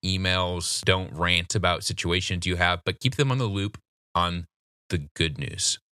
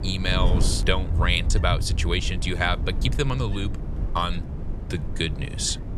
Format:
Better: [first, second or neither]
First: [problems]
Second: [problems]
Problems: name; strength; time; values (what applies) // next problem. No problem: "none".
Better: first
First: none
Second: wind noise on the microphone; occasional gusts; 15 dB below the speech